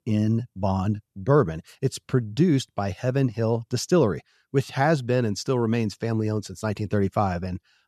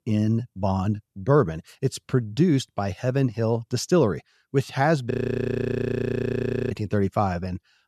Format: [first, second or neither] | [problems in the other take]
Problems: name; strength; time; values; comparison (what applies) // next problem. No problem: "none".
first | audio freezing; at 5 s for 1.5 s